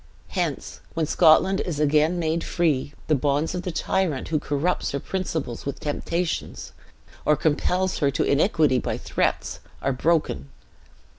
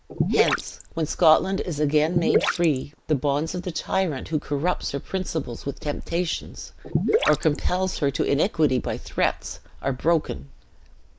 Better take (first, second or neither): first